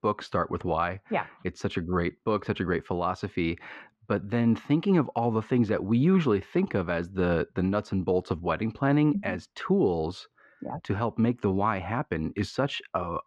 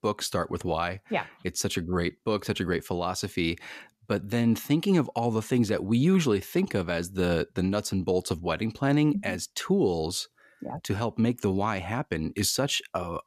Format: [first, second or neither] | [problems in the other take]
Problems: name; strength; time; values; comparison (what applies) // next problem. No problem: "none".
second | muffled; very; fading above 2.5 kHz